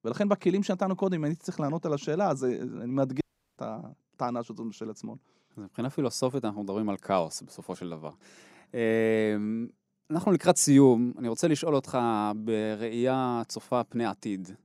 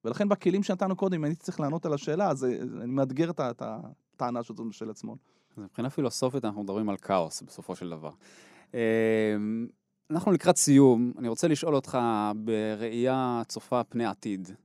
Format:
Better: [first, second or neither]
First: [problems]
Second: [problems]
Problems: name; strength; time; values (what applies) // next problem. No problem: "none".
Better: second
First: audio cutting out; at 3 s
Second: none